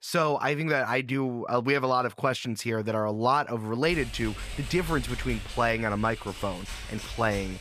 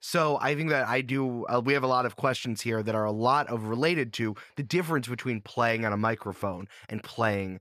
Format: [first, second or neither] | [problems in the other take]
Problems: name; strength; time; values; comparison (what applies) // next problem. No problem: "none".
second | keyboard typing; noticeable; from 4 s on; peak 9 dB below the speech